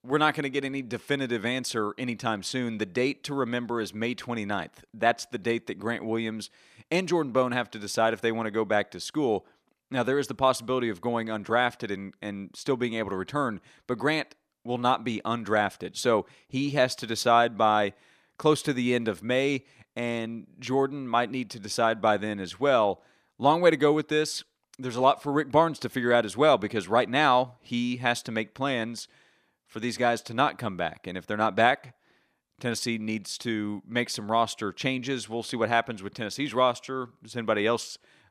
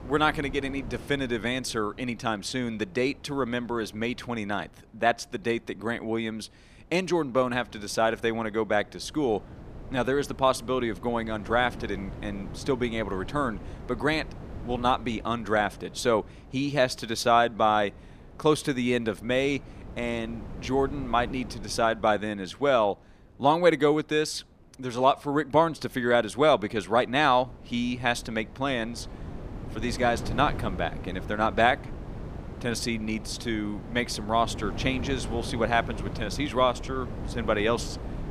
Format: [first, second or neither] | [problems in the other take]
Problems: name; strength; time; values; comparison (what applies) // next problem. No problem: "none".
first | wind noise on the microphone; occasional gusts; 20 dB below the speech